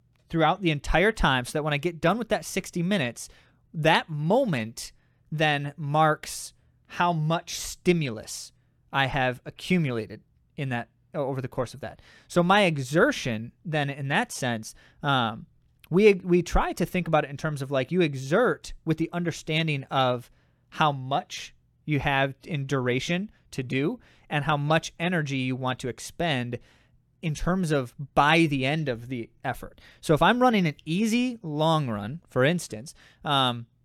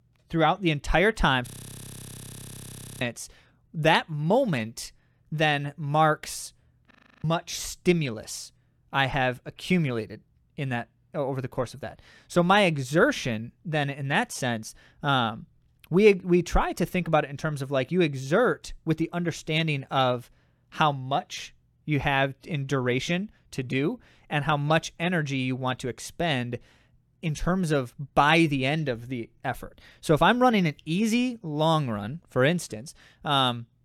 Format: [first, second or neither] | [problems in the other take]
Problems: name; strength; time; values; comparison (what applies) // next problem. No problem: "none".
first | audio freezing; at 1.5 s for 1.5 s and at 7 s